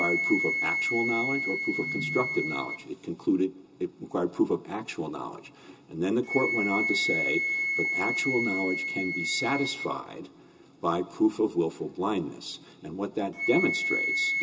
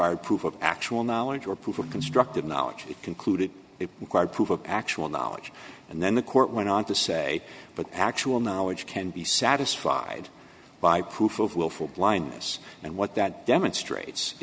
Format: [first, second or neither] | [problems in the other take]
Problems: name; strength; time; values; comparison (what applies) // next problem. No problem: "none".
second | background sound (Wind instrument, woodwind instrument); 2 dB below the speech // room echo; dies away in 0.2 s